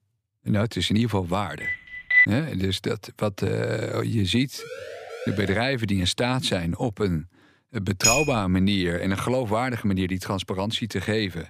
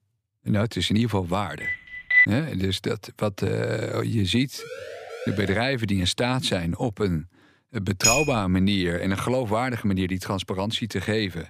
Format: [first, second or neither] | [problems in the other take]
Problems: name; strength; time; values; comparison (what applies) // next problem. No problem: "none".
neither | phone ringing; loud; at 1.5 s; peak 8 dB above the speech; the same in both // siren; faint; from 4.5 to 5.5 s; peak 10 dB below the speech; the same in both // clattering dishes; loud; at 8 s; peak 5 dB above the speech; the same in both